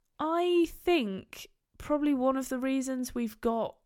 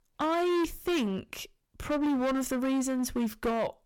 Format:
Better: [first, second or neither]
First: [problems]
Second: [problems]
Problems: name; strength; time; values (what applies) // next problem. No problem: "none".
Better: first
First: none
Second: distortion; heavy; 21% of the sound clipped